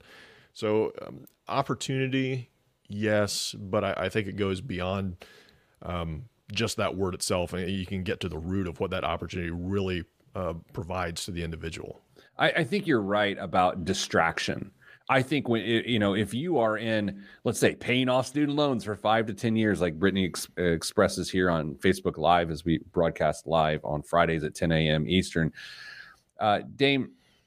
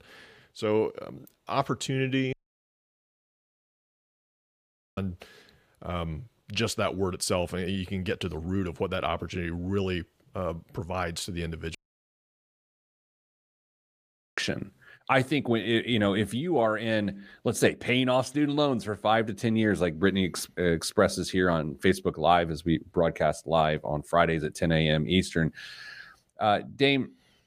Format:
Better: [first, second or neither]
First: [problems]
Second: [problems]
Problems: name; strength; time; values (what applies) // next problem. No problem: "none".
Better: first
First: none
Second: audio cutting out; at 2.5 s for 2.5 s and at 12 s for 2.5 s